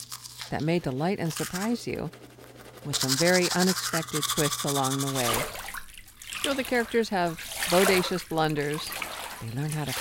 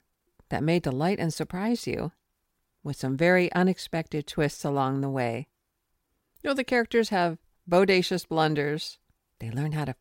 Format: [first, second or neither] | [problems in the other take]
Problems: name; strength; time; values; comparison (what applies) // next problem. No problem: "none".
second | household noises; loud; throughout; 2 dB below the speech